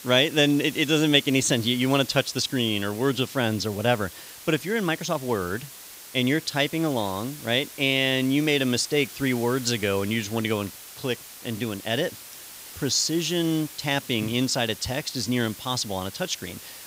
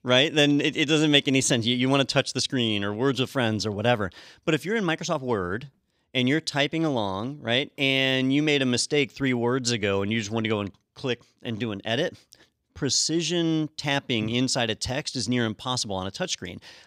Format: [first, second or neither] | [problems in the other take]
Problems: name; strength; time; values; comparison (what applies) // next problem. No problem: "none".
second | hiss; noticeable; throughout; 15 dB below the speech